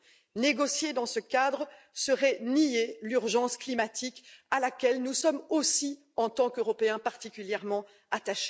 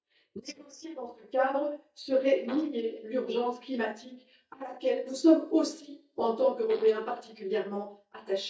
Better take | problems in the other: first | noise reduction (neural mask model DeepFilterNet 3)

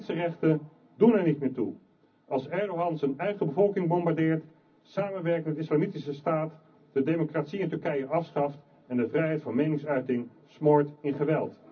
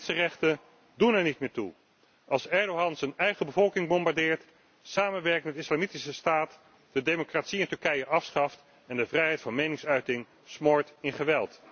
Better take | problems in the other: second | room echo; dies away in 0.4 s

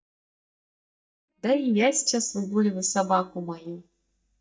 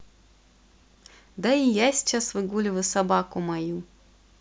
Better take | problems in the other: second | noise reduction (neural mask model DeepFilterNet 3)

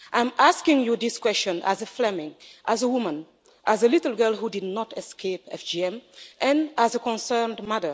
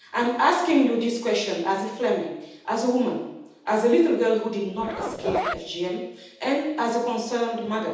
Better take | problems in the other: first | background sound (Zipper (clothing)); 6 dB below the speech // room echo; dies away in 0.8 s

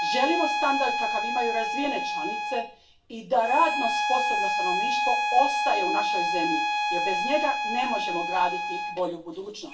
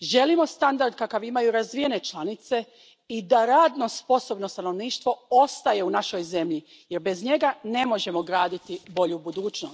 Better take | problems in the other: second | background sound (Bowed string instrument); 1 dB above the speech // room echo; dies away in 0.3 s

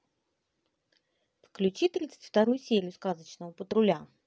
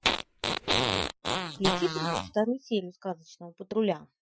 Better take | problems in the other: first | noise reduction (classical method Wiener filter)

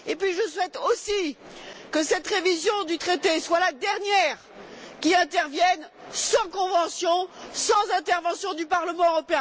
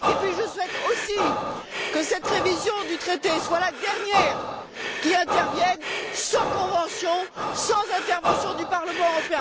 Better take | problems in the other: first | background sound (Breathing); 3 dB below the speech

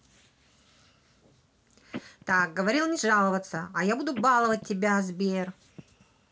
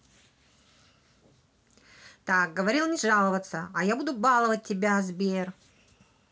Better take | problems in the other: second | background sound (Telephone); 19 dB below the speech

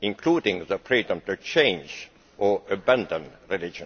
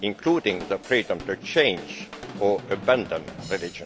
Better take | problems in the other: first | background sound (Drum / Drum kit); 15 dB below the speech

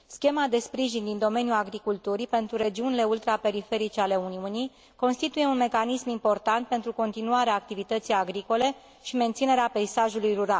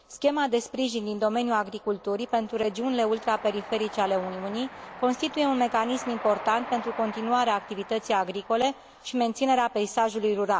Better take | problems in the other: first | background sound (Train); 16 dB below the speech

